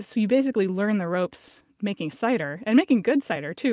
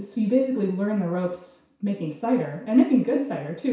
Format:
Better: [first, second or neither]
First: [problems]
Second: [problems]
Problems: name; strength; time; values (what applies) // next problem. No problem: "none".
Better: first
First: none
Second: room echo; dies away in 0.6 s